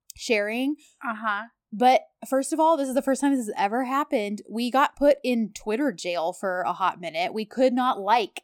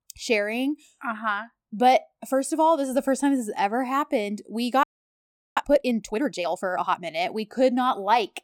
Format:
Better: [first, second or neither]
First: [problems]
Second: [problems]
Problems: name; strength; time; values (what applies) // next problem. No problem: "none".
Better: first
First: none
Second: audio freezing; at 5 s for 0.5 s